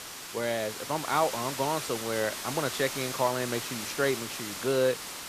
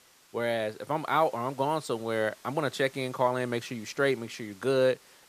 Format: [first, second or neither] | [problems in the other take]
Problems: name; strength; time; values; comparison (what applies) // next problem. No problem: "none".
second | hiss; loud; throughout; 5 dB below the speech; faint in the second